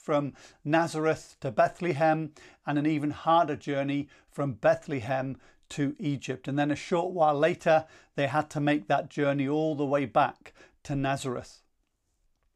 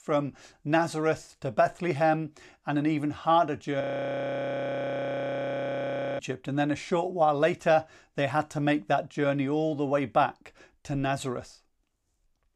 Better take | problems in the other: first | audio freezing; at 4 s for 2.5 s

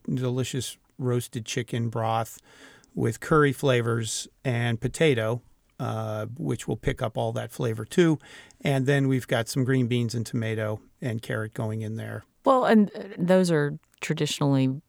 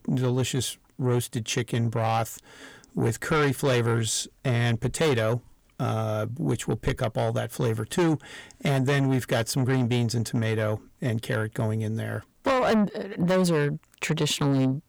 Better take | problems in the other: first | distortion; heavy; 8 dB below the speech

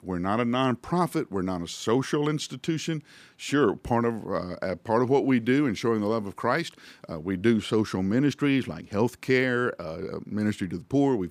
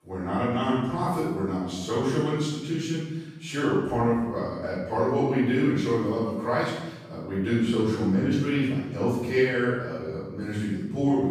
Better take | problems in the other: first | room echo; strong; dies away in 1 s // off-mic speech; far

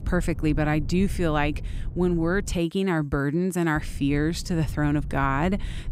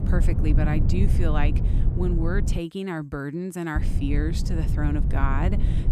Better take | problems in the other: first | low rumble; loud; until 2.5 s and from 4 s on; 6 dB below the speech; faint in the first

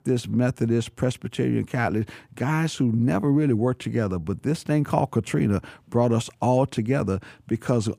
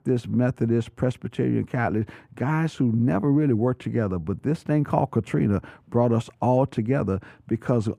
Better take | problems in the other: first | muffled; slightly; fading above 2.5 kHz

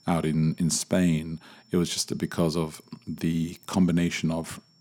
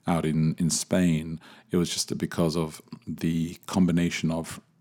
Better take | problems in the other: second | high-pitched whine; faint; throughout; 5.5 kHz, 35 dB below the speech

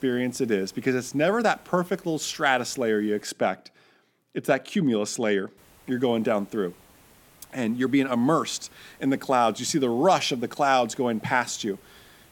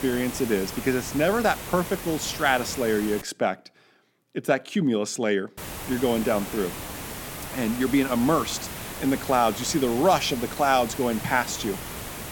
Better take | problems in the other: first | hiss; loud; until 3 s and from 5.5 s on; 10 dB below the speech; faint in the first

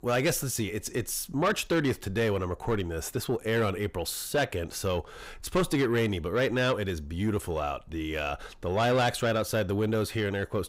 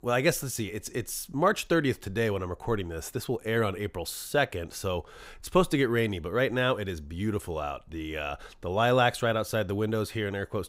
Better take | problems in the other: second | distortion; slight; 10 dB below the speech

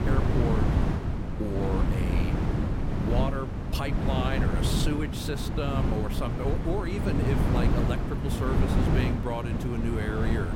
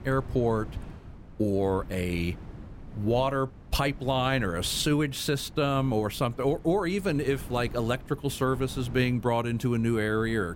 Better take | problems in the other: second | wind noise on the microphone; heavy; 1 dB below the speech; occasional gusts in the second

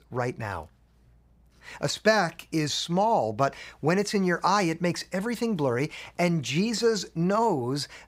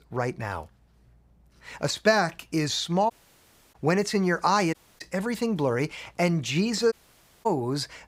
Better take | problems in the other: first | audio cutting out; at 3 s for 0.5 s, at 4.5 s and at 7 s for 0.5 s

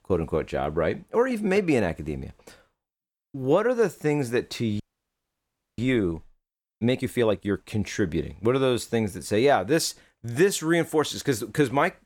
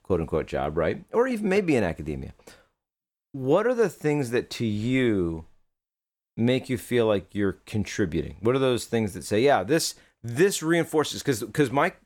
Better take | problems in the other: second | audio freezing; at 5 s for 1 s

